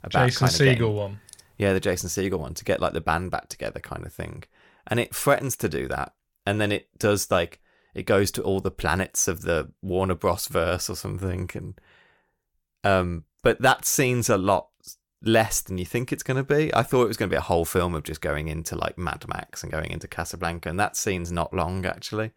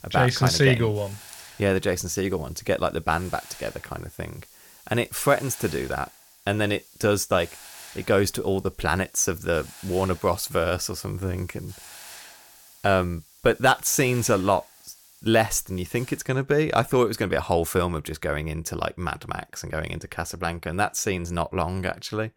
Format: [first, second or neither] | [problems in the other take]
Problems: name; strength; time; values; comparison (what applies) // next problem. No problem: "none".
first | hiss; faint; until 16 s; 20 dB below the speech